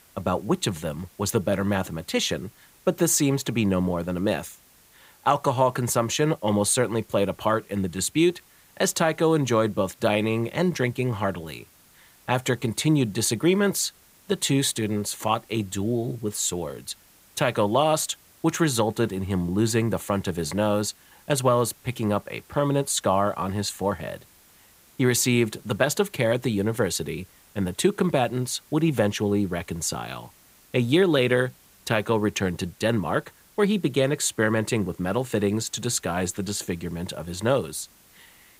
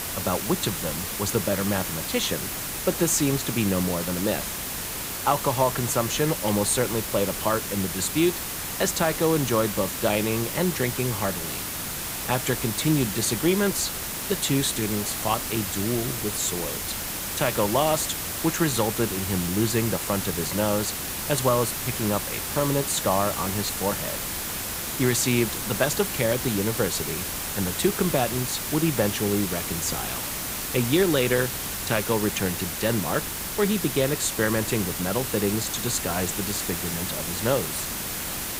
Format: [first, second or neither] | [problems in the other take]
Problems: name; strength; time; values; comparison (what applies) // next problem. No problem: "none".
first | hiss; loud; throughout; 3 dB below the speech; faint in the first